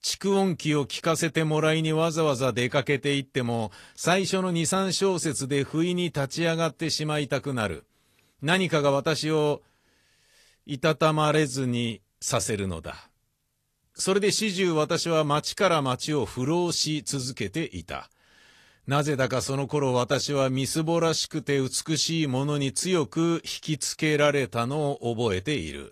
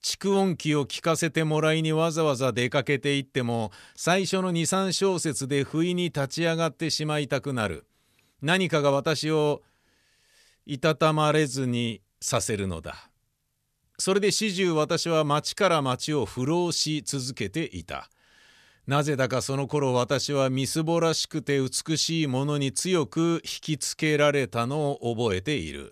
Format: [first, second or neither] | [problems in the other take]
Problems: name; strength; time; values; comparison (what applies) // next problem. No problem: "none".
second | garbled, watery; slightly; nothing above 14 kHz